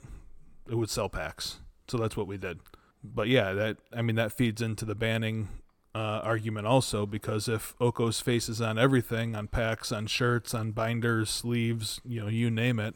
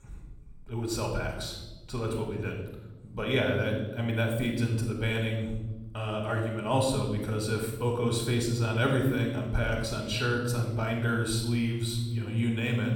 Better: first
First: none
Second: room echo; noticeable; dies away in 1.1 s // off-mic speech; somewhat distant

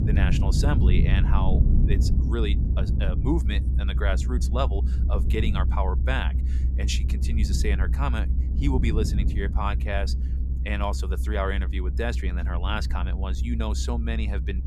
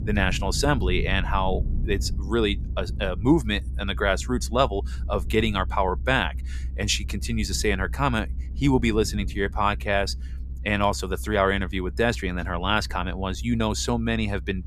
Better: second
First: low rumble; loud; throughout; 8 dB below the speech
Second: low rumble; faint; throughout; 25 dB below the speech

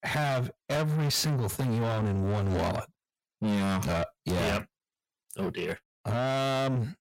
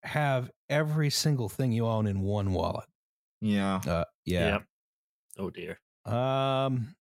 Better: second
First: distortion; heavy; 6 dB below the speech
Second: none

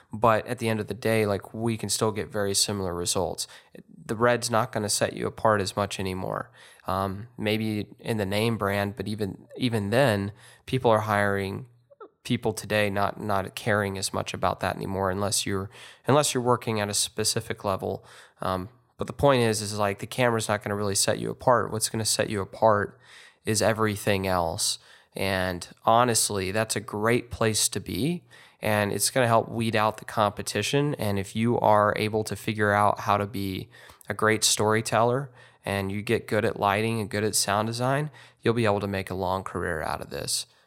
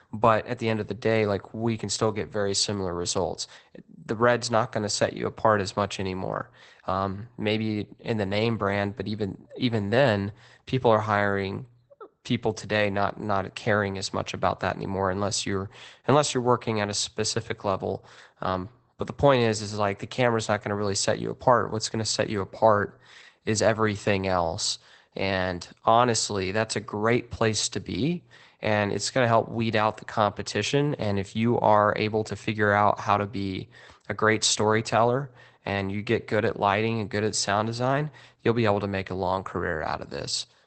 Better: first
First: none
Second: garbled, watery; badly; nothing above 8 kHz

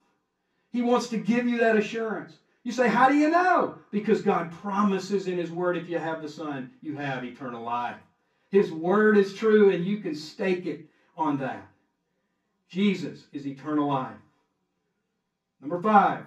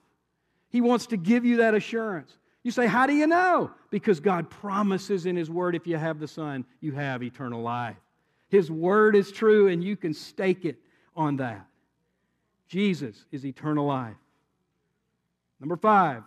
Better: second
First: room echo; slight; dies away in 0.2 s // off-mic speech; far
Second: none

